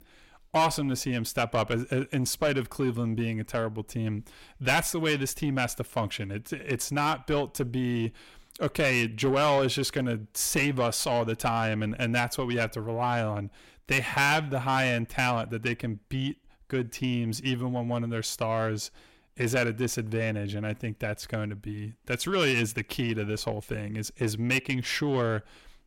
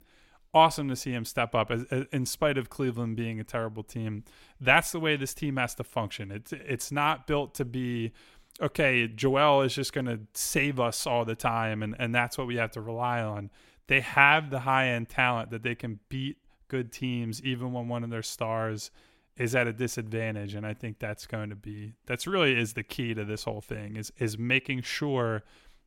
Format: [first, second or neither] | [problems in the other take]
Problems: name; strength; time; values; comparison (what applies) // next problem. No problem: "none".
second | distortion; heavy; 8 dB below the speech